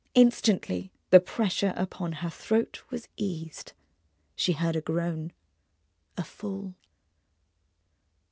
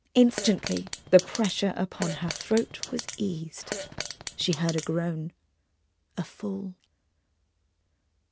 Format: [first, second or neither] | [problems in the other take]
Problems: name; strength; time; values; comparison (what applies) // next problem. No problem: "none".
first | background sound (Fart); 9 dB below the speech